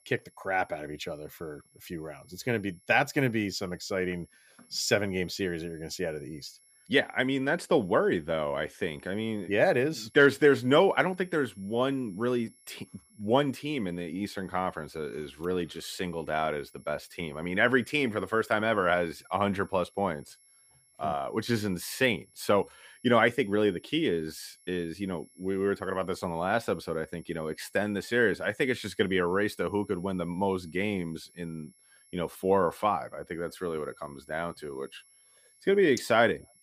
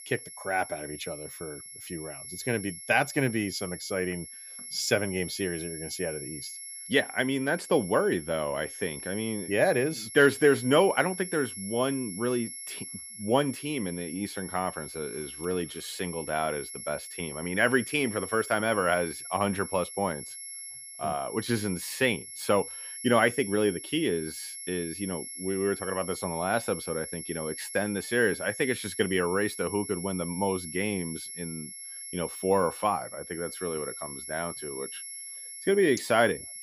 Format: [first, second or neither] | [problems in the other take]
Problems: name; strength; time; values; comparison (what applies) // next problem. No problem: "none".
first | high-pitched whine; loud; throughout; 11 kHz, 10 dB below the speech; faint in the first